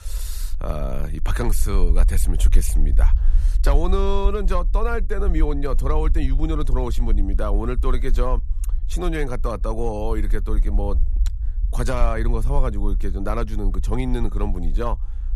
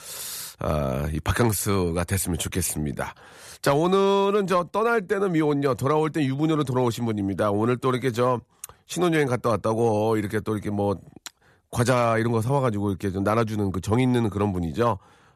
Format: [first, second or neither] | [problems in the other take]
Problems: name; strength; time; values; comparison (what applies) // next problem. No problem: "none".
second | low rumble; noticeable; throughout; 20 dB below the speech